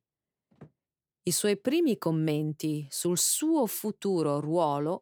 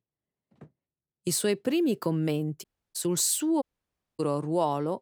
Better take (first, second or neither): first